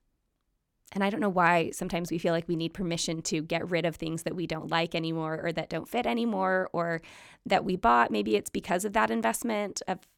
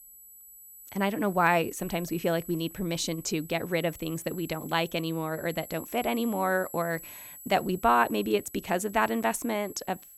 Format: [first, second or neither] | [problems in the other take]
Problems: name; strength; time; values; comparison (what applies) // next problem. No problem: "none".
first | high-pitched whine; noticeable; throughout; 11.5 kHz, 15 dB below the speech